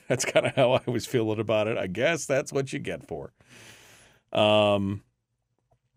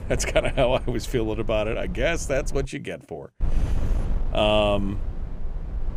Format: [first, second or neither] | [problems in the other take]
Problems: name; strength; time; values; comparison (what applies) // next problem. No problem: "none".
first | wind noise on the microphone; occasional gusts; until 2.5 s and from 3.5 s on; 20 dB below the speech